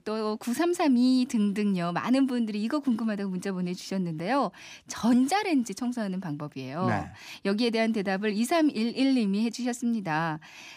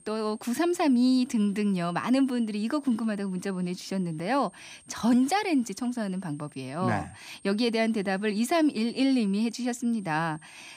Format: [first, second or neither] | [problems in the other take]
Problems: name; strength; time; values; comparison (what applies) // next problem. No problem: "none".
first | high-pitched whine; faint; throughout; 8.5 kHz, 25 dB below the speech